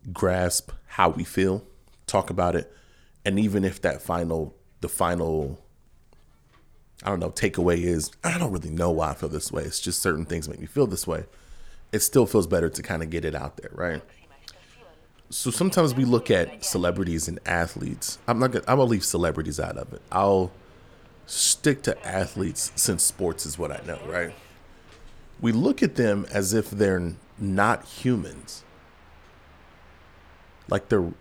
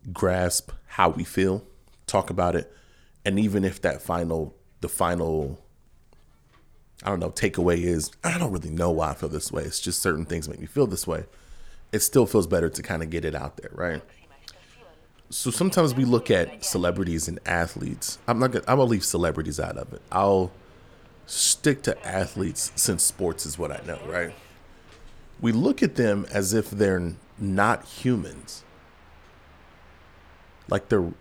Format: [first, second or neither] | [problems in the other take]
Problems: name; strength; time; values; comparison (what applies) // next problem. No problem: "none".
neither | train or aircraft noise; faint; throughout; 25 dB below the speech; the same in both